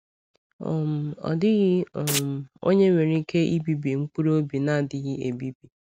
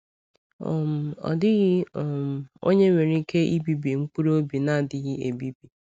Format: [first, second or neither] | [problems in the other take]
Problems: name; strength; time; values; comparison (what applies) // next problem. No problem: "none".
second | background sound (Domestic sounds, home sounds); 9 dB below the speech